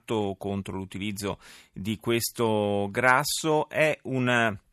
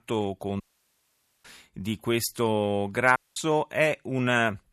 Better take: first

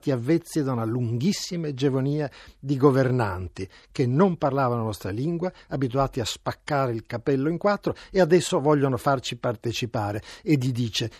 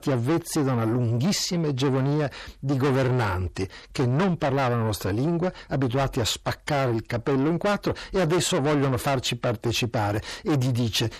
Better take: first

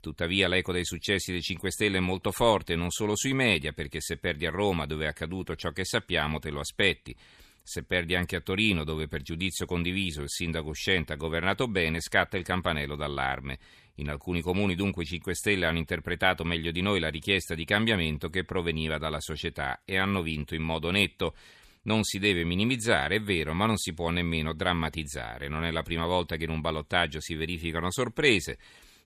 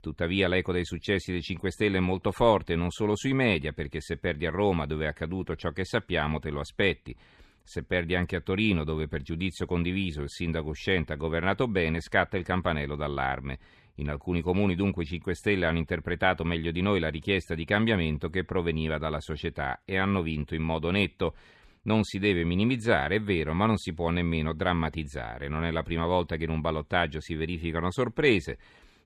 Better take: first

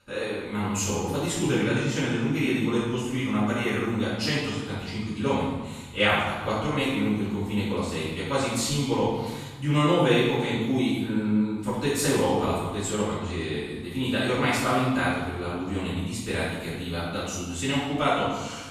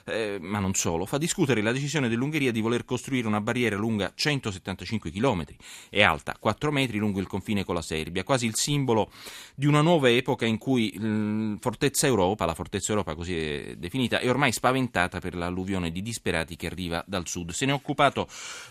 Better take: second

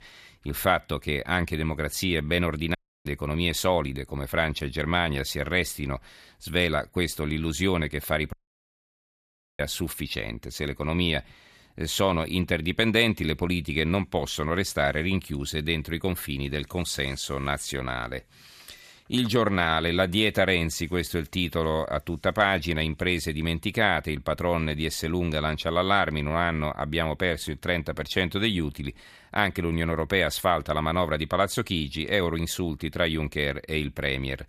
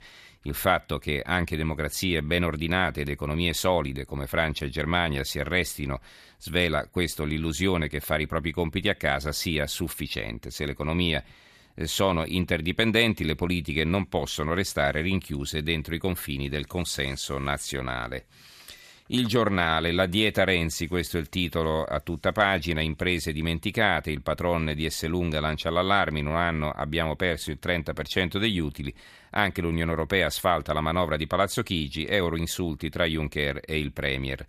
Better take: second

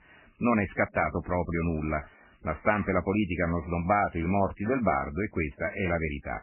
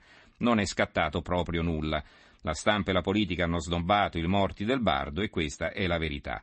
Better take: second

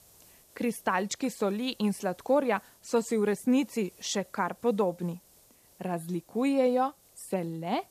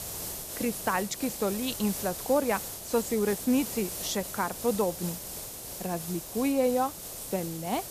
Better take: first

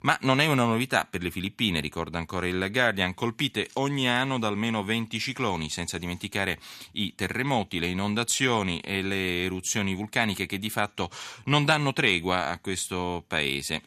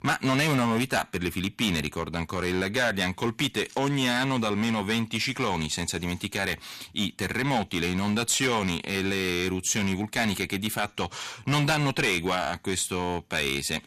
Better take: first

